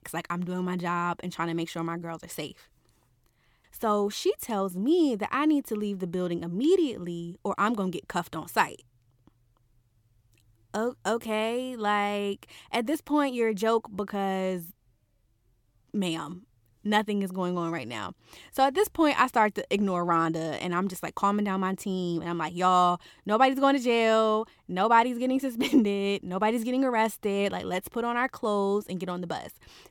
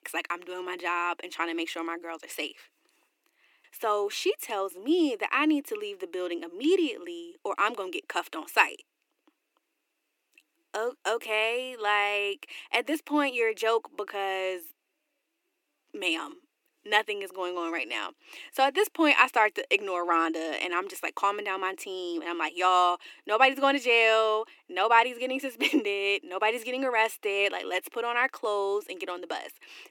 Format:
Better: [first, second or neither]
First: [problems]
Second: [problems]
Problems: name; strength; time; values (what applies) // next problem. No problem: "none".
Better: first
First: none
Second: thin; somewhat; fading below 300 Hz